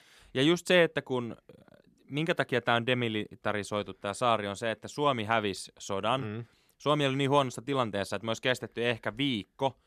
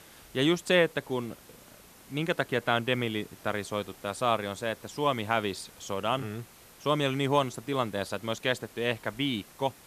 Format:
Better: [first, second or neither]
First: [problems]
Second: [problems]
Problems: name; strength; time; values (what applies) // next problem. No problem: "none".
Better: first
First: none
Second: hiss; faint; throughout; 20 dB below the speech